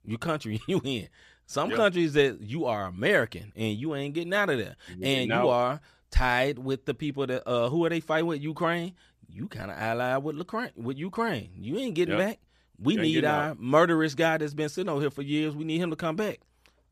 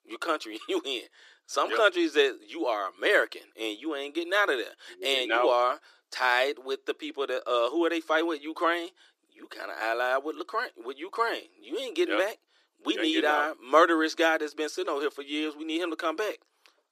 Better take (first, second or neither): first